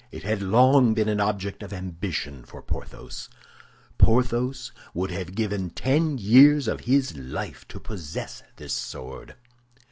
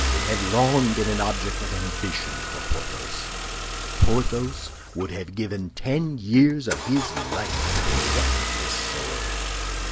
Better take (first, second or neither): first